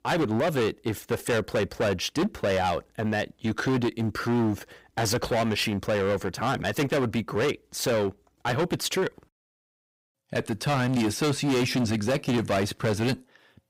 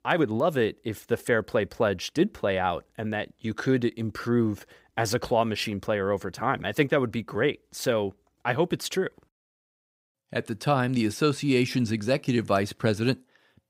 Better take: second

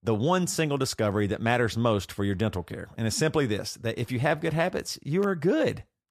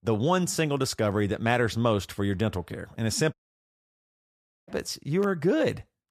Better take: first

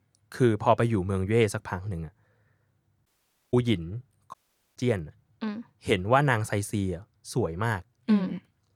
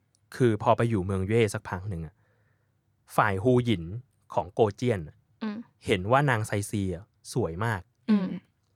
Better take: second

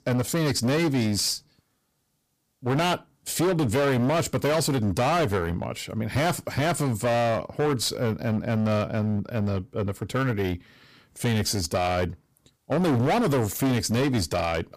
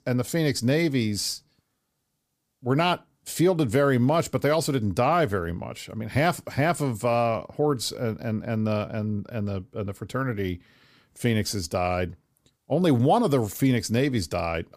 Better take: second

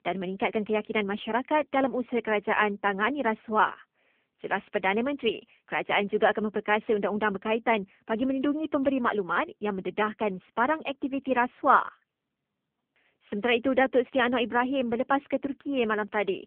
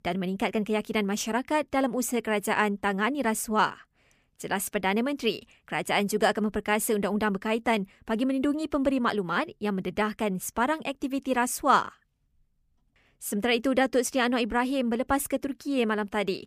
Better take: second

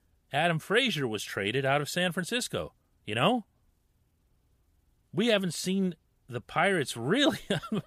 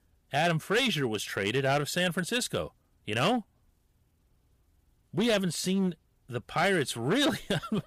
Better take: first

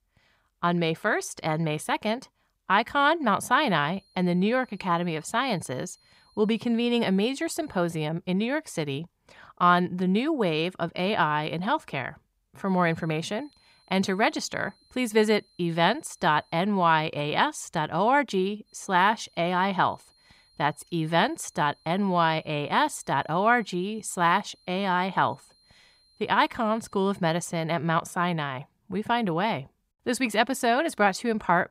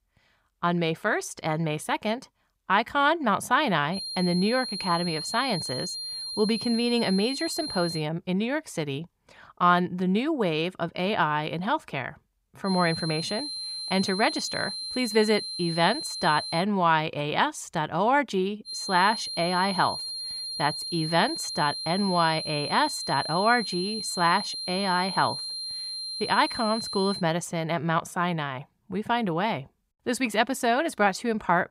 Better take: first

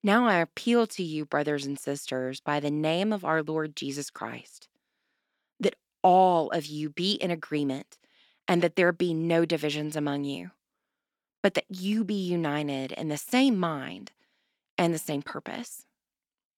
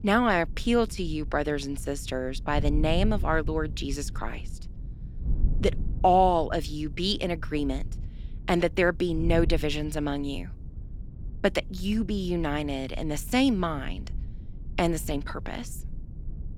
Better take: first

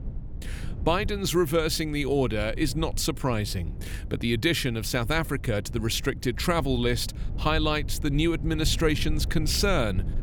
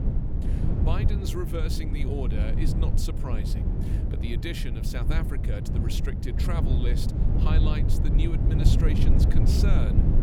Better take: first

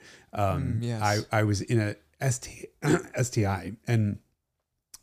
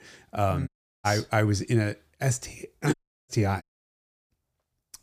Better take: first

